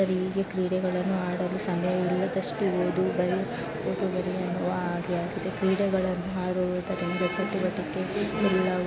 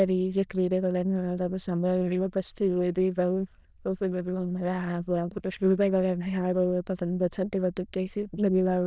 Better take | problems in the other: first | noise reduction (neural diffusion model UNIVERSE++)

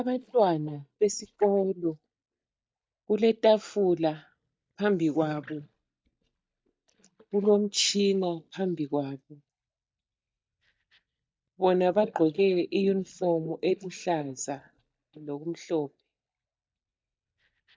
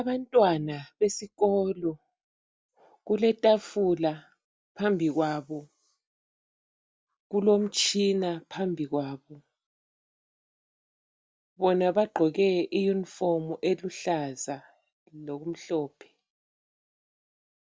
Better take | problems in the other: second | noise reduction (neural mask model DeepFilterNet 3)

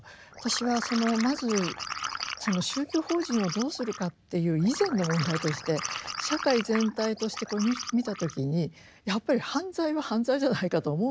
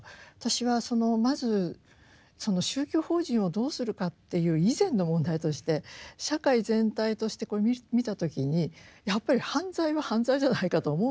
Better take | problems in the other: second | background sound (Liquid); 8 dB below the speech

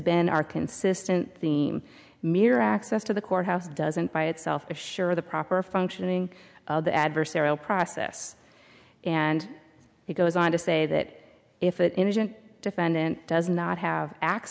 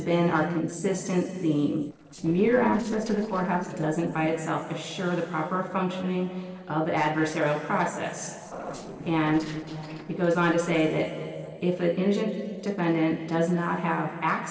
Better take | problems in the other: first | noise reduction (neural separator model SepFormer DNS4)

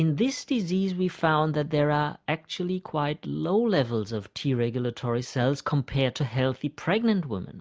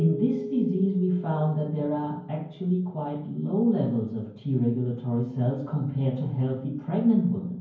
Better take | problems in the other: first | background sound (Keyboard (musical)); 16 dB below the speech // room echo; dies away in 0.9 s

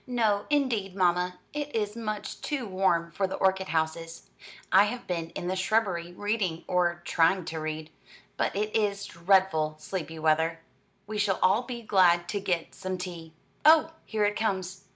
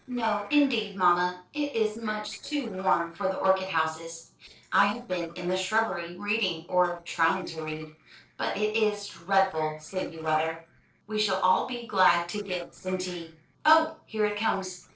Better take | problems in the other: first | noise reduction (neural separator model SepFormer DNS4)

